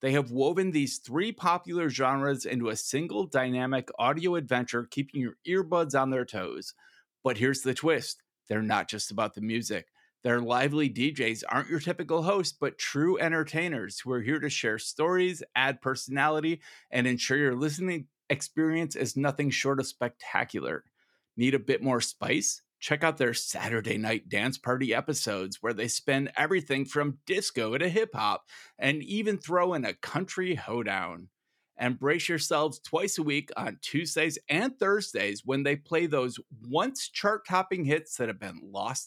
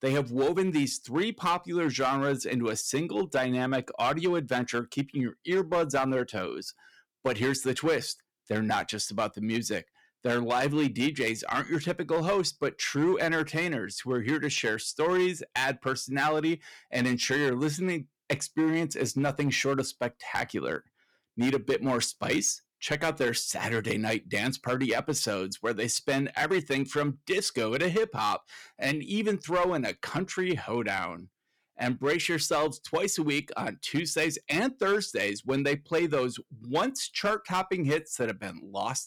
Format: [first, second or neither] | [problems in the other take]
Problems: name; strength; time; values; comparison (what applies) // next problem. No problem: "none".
first | distortion; slight; 5% of the sound clipped